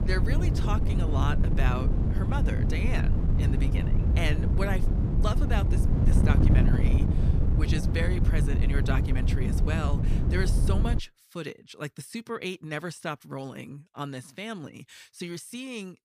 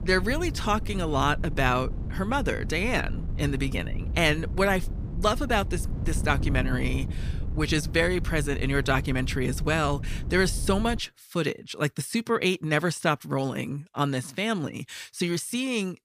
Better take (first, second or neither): second